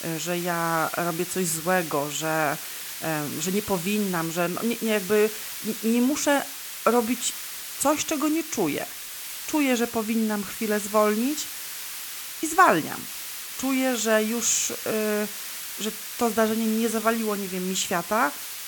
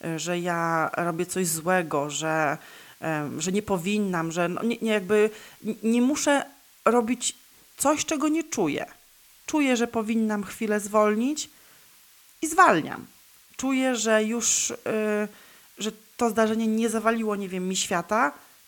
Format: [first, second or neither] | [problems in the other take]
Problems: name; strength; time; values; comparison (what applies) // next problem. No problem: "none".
second | hiss; loud; throughout; 8 dB below the speech; faint in the second